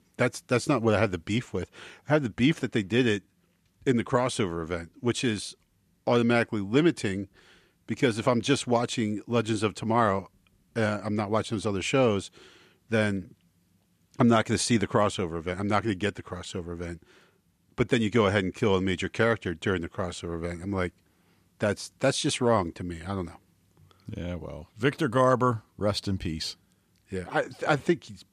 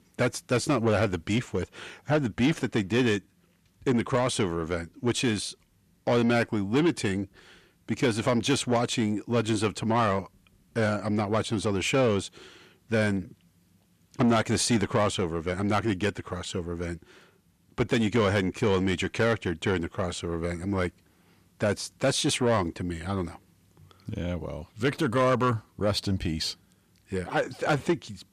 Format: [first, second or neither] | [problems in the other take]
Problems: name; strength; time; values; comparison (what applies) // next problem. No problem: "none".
first | distortion; slight; 10 dB below the speech